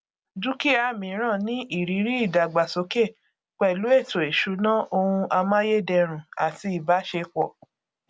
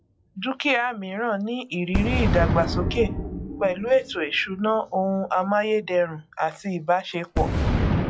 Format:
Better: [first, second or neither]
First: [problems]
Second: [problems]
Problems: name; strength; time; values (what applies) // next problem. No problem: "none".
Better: first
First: none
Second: noise reduction (classical method log-MMSE)